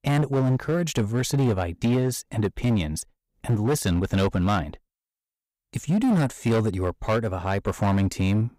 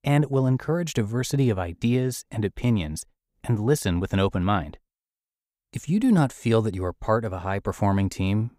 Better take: second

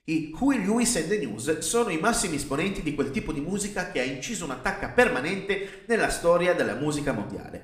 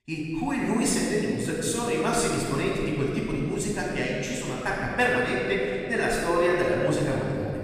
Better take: first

